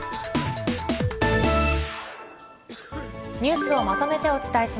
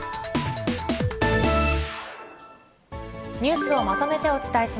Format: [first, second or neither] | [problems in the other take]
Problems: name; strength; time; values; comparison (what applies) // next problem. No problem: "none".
second | background sound (Cough); 19 dB below the speech